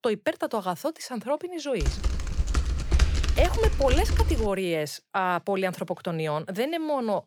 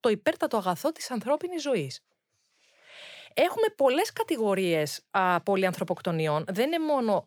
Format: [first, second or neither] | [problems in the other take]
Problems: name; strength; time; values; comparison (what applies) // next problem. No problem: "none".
second | keyboard typing; loud; from 2 to 4.5 s; peak 3 dB above the speech